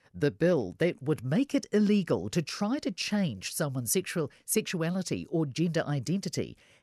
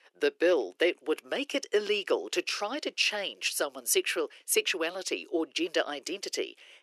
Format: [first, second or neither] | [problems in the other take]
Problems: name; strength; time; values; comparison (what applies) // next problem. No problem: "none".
first | thin; very; fading below 350 Hz